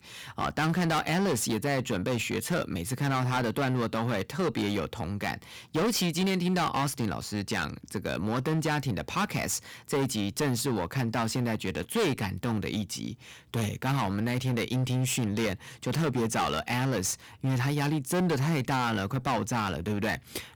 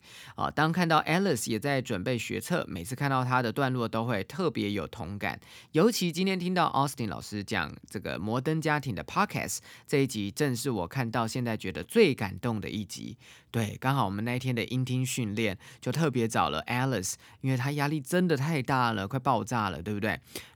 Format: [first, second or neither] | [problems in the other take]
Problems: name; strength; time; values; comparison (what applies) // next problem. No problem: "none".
second | distortion; heavy; 18% of the sound clipped